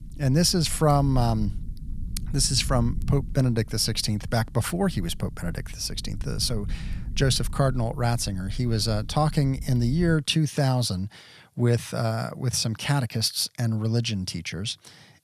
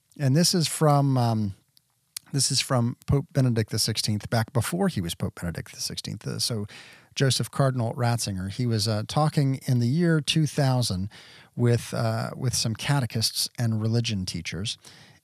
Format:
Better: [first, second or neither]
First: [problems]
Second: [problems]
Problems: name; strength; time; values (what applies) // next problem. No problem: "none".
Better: second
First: low rumble; faint; until 10 s; 25 dB below the speech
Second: none